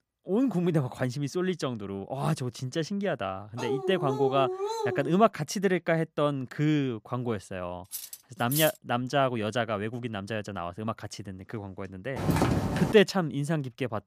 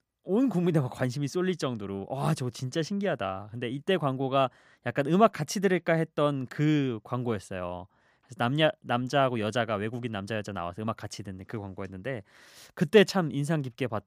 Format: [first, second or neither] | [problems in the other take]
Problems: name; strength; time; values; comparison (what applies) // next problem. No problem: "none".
second | dog barking; noticeable; from 3.5 to 5 s; peak 2 dB below the speech // clattering dishes; noticeable; at 8 s; peak 1 dB below the speech // footsteps; loud; at 12 s; peak 3 dB above the speech